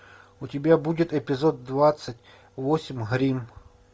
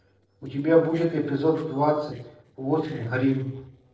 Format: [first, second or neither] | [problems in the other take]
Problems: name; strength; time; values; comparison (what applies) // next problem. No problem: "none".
first | noise reduction (neural separator model SepFormer DNS4)